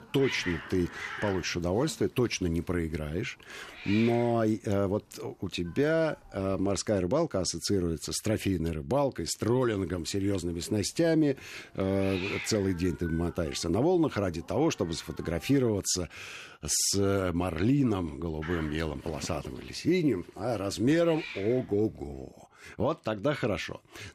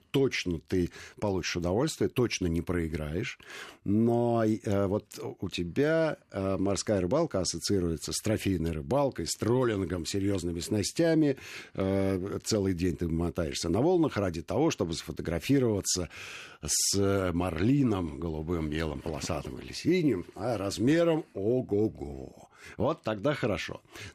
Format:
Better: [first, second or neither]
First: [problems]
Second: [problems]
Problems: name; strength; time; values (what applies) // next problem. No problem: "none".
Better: second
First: hiss; noticeable; until 7 s, from 10 to 16 s and from 18 to 22 s; 10 dB below the speech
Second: none